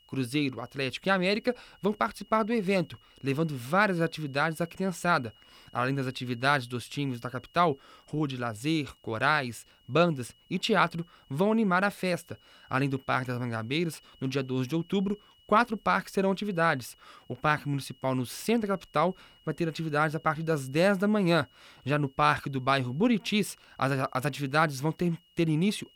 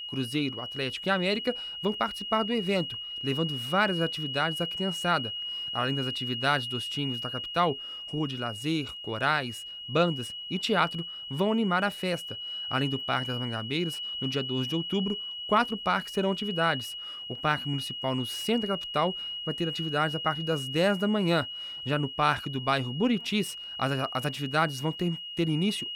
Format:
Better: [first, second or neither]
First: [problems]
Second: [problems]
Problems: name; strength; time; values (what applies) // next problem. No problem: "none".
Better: first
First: high-pitched whine; faint; throughout; 3 kHz, 30 dB below the speech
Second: high-pitched whine; loud; throughout; 3 kHz, 5 dB below the speech